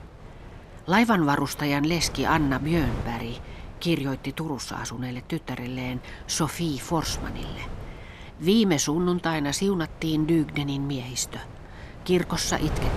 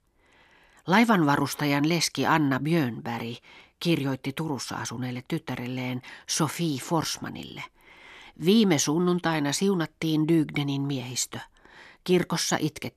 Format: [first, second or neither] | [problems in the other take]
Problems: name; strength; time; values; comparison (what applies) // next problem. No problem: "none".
second | wind noise on the microphone; occasional gusts; 15 dB below the speech